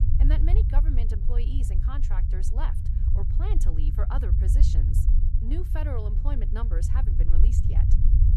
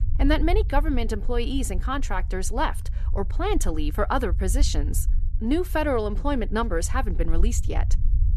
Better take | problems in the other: second | low rumble; loud; throughout; 2 dB below the speech; faint in the second

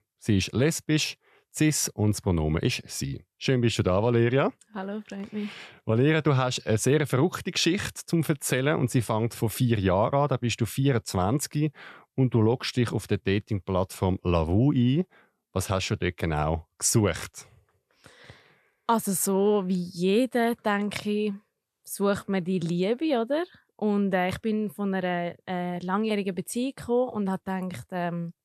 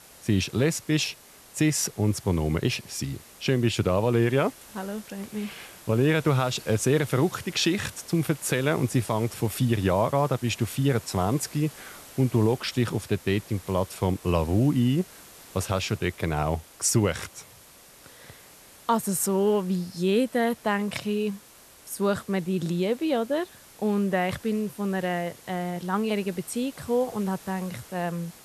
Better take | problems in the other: first | hiss; noticeable; throughout; 20 dB below the speech

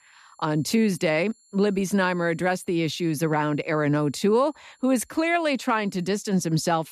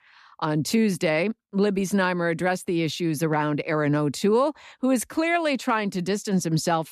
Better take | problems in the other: second | high-pitched whine; faint; throughout; 7.5 kHz, 35 dB below the speech

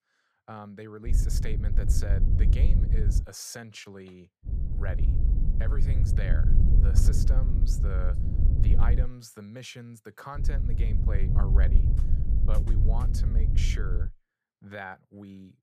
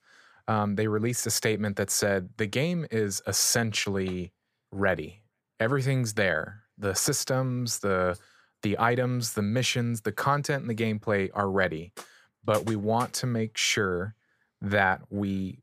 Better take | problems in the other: second | low rumble; loud; from 1 to 3 s, from 4.5 to 9 s and from 10 to 14 s; 2 dB below the speech

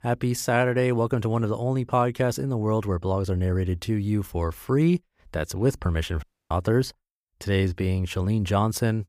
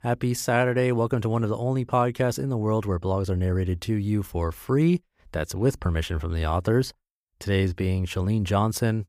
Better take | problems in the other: second | audio cutting out; at 6 s

